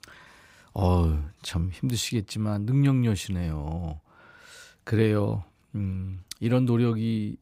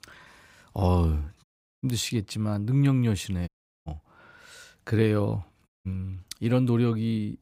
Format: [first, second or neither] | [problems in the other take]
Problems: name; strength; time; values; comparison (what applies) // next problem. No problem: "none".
first | audio cutting out; at 1.5 s, at 3.5 s and at 5.5 s